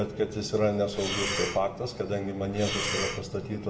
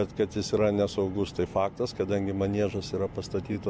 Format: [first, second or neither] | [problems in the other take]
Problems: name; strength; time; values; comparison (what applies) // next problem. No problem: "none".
second | background sound (Breathing); 5 dB below the speech // room echo; dies away in 1.3 s